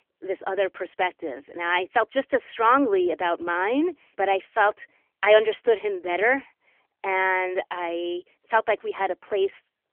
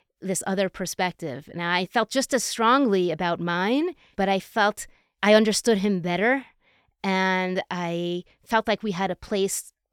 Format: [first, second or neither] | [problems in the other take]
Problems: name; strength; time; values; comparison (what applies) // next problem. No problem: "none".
second | phone-call audio; nothing above 3.5 kHz